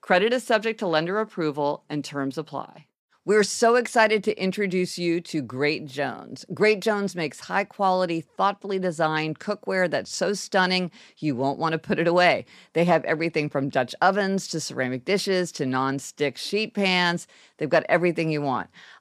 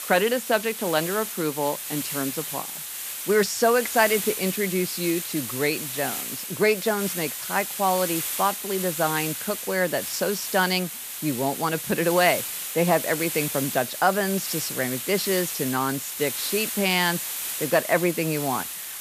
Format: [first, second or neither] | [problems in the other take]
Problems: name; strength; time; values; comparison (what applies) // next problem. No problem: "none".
first | hiss; loud; throughout; 4 dB below the speech